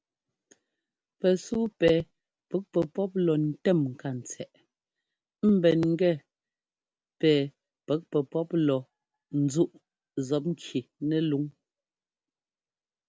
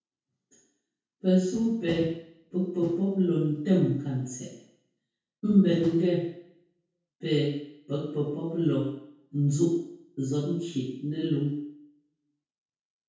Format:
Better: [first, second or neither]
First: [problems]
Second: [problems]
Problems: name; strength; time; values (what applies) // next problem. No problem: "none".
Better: first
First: none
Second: room echo; dies away in 0.6 s